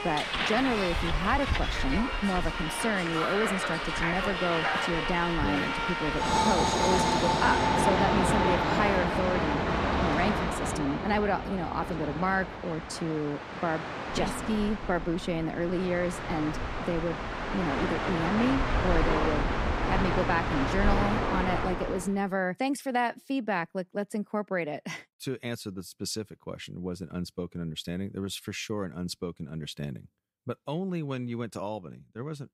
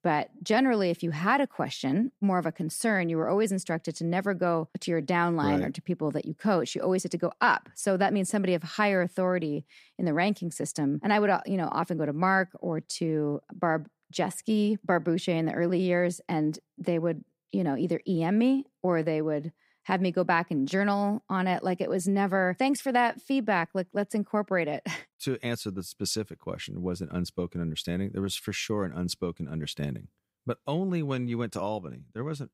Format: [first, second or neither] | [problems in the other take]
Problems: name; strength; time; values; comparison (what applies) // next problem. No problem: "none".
second | train or aircraft noise; very loud; until 22 s; 2 dB above the speech